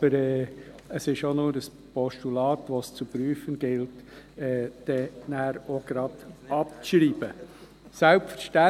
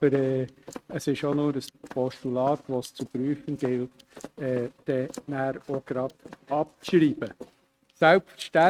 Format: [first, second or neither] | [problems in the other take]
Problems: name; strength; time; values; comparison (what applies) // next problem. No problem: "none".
first | noise reduction (neural mask model RNNoise)